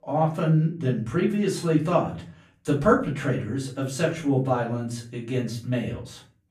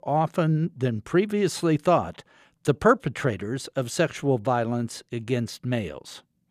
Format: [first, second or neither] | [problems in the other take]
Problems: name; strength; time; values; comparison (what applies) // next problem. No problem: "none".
second | room echo; slight; dies away in 0.4 s // off-mic speech; far